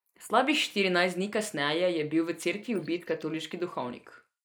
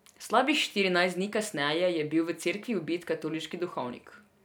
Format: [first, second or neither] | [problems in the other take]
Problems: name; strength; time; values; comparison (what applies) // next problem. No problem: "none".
second | noise reduction (neural mask model Resemble Enhance denoiser)